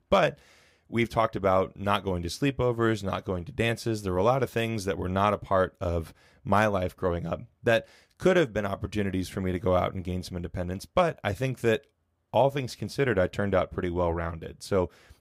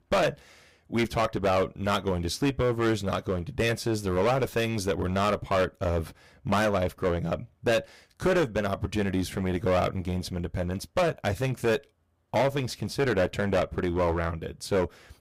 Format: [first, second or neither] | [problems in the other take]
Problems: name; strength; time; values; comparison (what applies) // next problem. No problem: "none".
first | distortion; heavy; 10% of the sound clipped